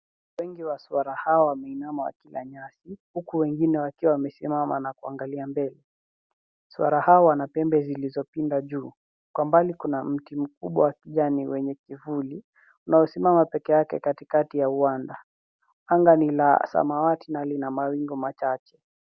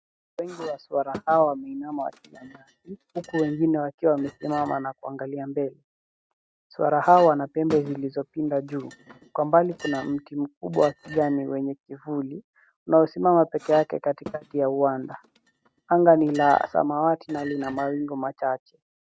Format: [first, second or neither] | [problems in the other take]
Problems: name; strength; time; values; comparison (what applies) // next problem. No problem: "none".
first | noise reduction (neural mask model RNNoise)